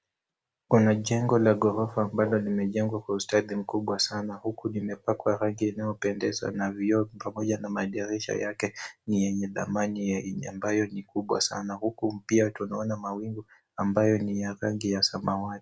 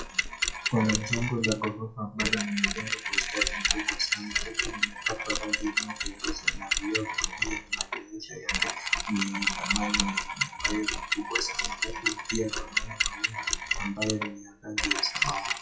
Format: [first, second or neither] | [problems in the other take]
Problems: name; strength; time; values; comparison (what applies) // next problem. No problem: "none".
first | noise reduction (classical method WPE with log-MMSE)